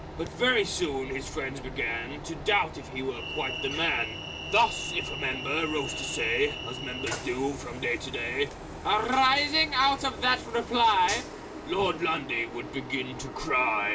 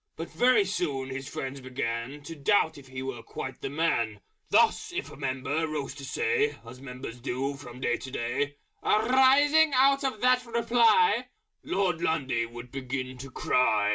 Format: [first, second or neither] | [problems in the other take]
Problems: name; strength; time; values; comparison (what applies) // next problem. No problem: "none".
second | background sound (Train); 9 dB below the speech